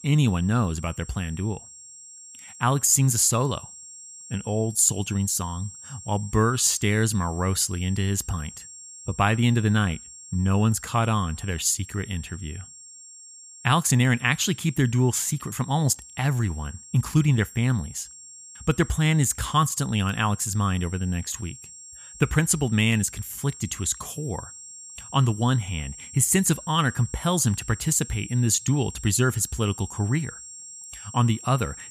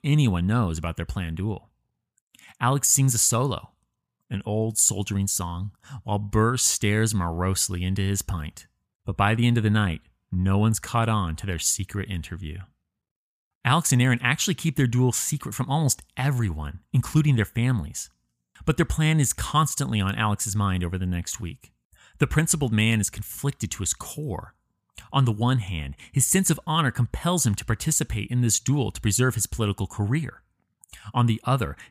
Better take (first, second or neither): second